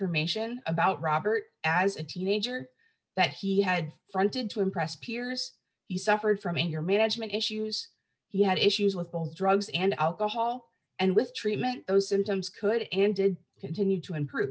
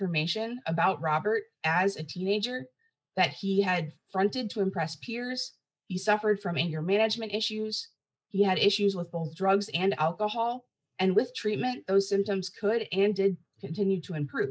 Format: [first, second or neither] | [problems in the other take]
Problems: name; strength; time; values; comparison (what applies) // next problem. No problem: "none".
first | noise reduction (neural mask model Resemble Enhance denoiser)